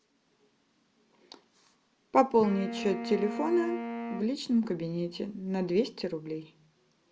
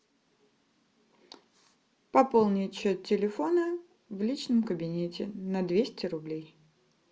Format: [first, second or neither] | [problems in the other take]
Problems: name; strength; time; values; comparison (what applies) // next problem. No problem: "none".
second | background sound (Wind instrument, woodwind instrument); 8 dB below the speech